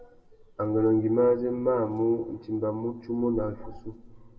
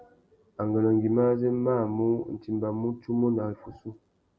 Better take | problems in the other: second | background sound (Dog); 20 dB below the speech // room echo; dies away in 0.8 s

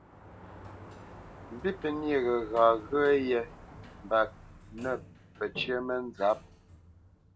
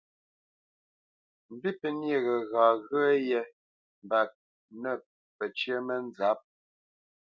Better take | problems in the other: second | background sound (Sliding door); 17 dB below the speech

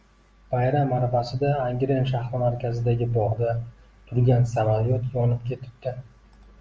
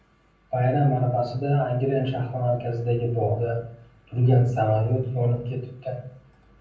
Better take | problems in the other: first | room echo; dies away in 0.6 s

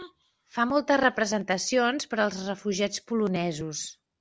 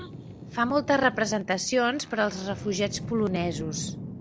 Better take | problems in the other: first | background sound (Boat, Water vehicle); 11 dB below the speech

